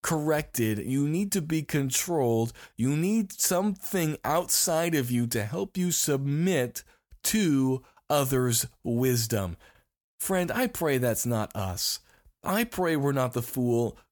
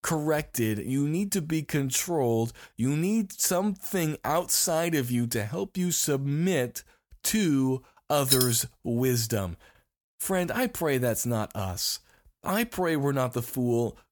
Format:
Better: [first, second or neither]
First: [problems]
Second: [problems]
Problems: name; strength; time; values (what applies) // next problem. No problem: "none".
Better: first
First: none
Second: jangling keys; loud; at 8.5 s; peak 3 dB above the speech